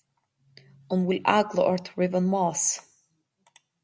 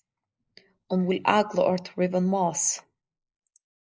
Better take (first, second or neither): first